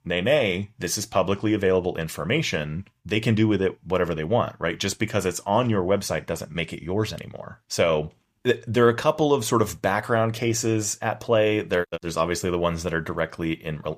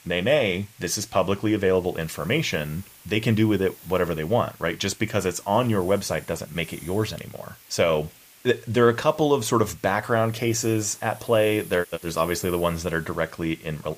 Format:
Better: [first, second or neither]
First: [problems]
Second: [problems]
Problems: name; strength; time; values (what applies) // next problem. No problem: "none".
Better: first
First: none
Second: hiss; faint; throughout; 20 dB below the speech